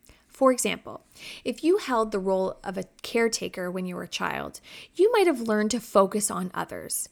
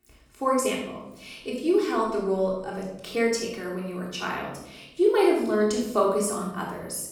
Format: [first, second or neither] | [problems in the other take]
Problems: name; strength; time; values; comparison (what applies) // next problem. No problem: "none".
first | off-mic speech; far // room echo; noticeable; dies away in 0.7 s